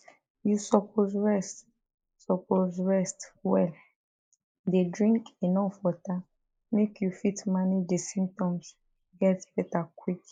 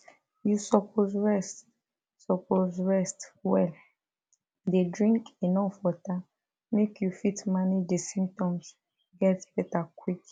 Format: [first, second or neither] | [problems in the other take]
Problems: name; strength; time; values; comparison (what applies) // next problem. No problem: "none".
second | noise reduction (neural mask model Resemble Enhance denoiser)